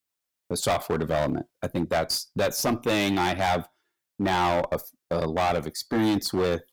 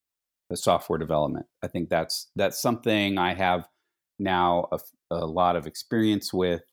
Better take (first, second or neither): second